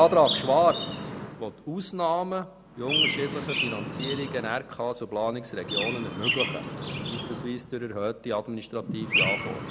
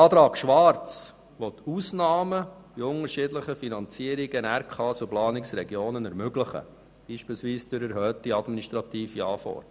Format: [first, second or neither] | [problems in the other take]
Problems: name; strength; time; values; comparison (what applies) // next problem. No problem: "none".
second | background sound (Chirp, tweet); 4 dB below the speech